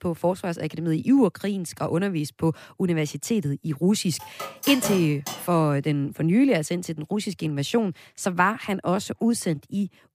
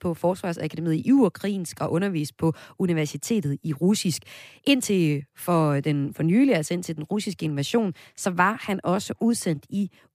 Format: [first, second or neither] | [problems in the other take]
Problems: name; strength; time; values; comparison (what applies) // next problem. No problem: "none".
second | clattering dishes; noticeable; from 4 to 5.5 s; peak 3 dB below the speech